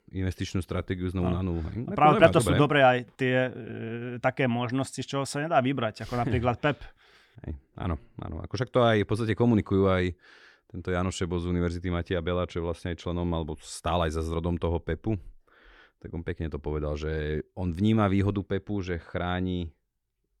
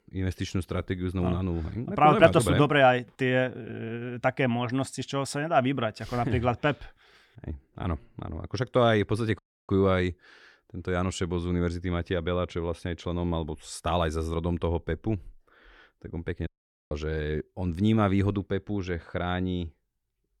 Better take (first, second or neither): first